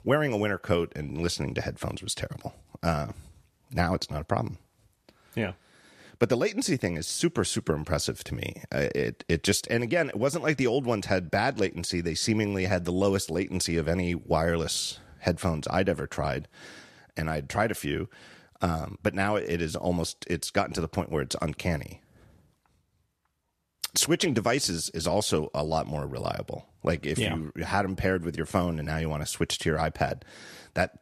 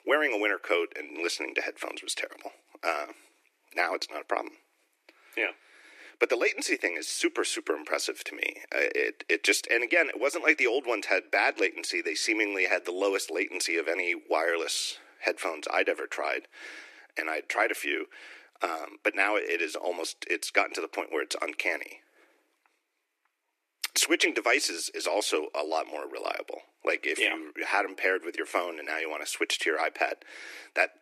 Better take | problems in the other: first | thin; very; fading below 300 Hz

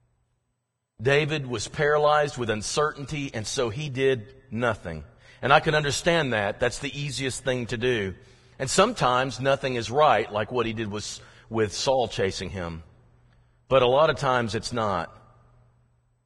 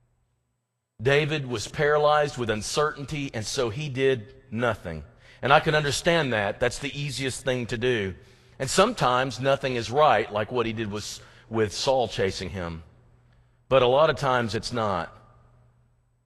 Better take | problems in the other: second | garbled, watery; badly; nothing above 10.5 kHz; slightly in the second

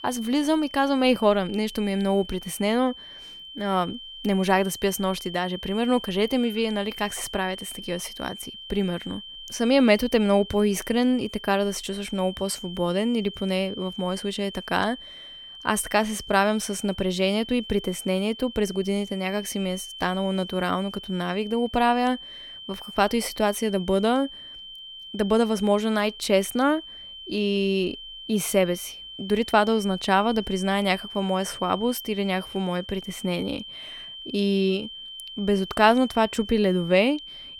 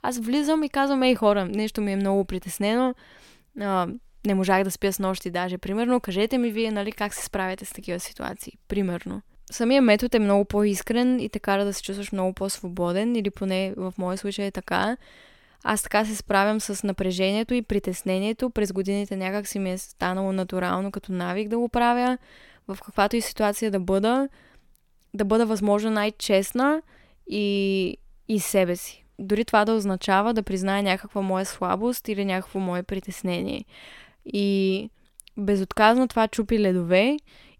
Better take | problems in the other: second | high-pitched whine; noticeable; throughout; 3 kHz, 15 dB below the speech

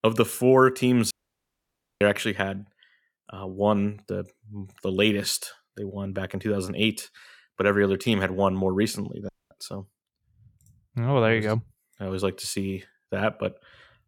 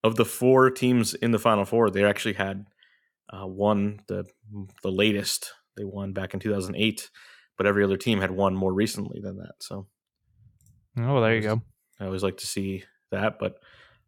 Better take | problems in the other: second | audio cutting out; at 1 s for 1 s and at 9.5 s

